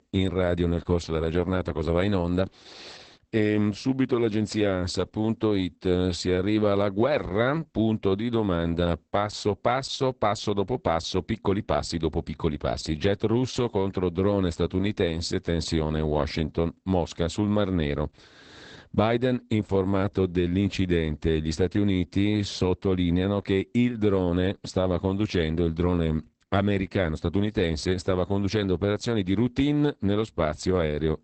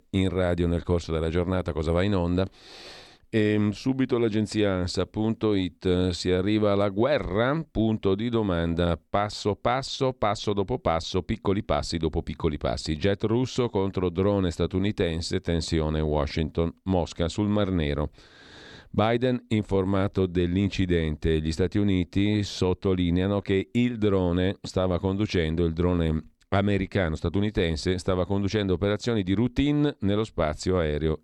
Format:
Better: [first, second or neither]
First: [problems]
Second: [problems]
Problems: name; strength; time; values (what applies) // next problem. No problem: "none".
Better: second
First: garbled, watery; badly; nothing above 8 kHz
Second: none